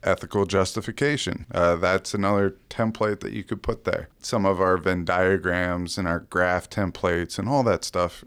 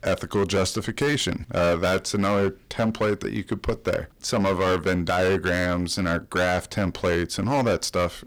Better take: first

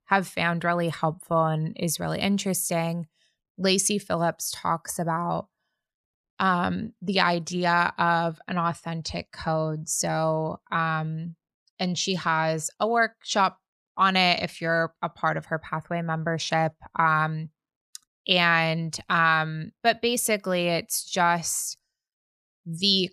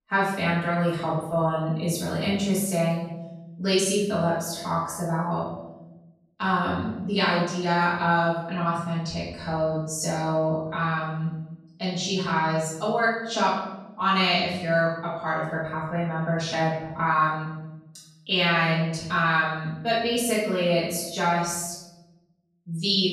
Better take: first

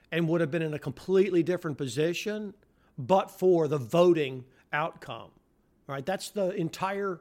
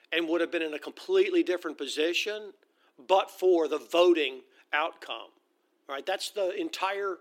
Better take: first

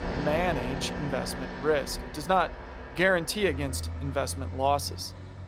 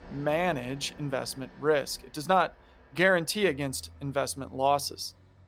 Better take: second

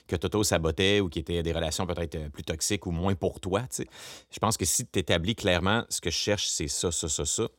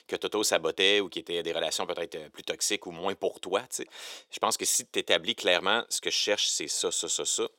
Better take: first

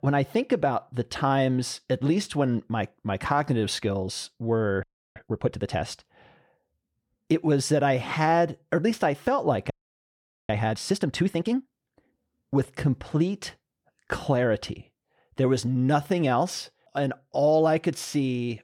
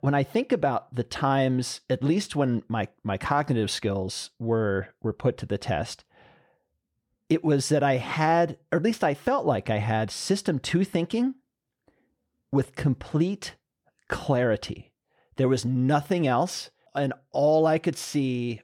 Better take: second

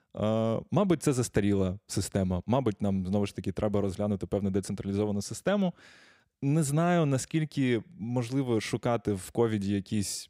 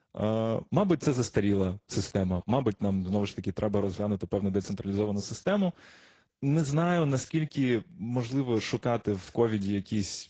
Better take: first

